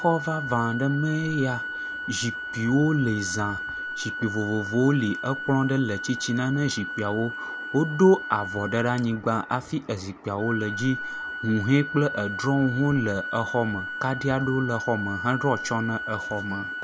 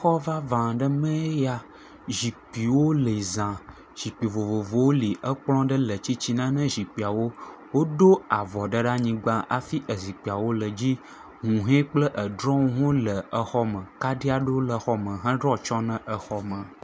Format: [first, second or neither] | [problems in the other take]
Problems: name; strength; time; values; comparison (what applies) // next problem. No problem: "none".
second | background sound (Organ); 8 dB below the speech